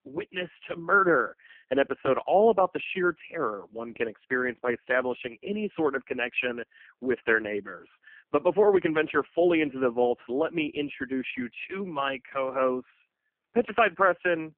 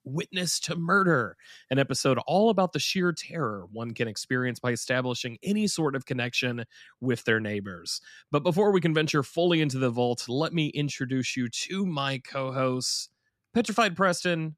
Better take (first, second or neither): second